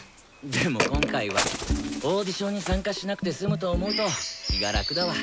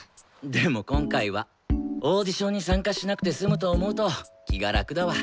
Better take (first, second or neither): second